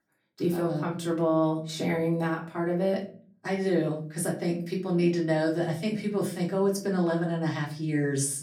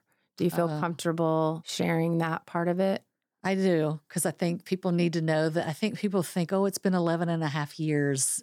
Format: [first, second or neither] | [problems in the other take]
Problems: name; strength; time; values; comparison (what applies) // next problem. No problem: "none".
second | off-mic speech; far // room echo; very slight; dies away in 0.4 s